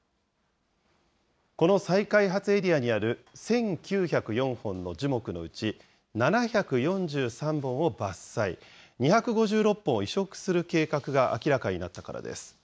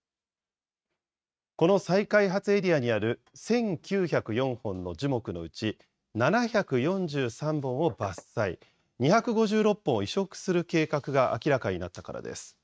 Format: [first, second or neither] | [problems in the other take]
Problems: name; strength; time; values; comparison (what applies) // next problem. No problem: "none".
first | noise reduction (neural mask model RNNoise)